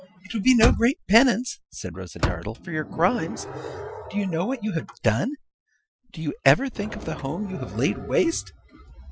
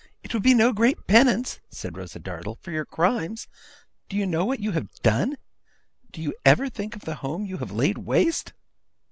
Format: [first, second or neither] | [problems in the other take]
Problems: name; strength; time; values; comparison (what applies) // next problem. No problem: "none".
second | noise reduction (classical method Wiener filter)